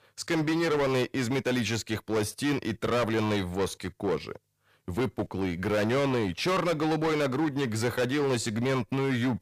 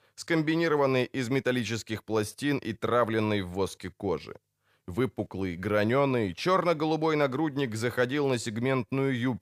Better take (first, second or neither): second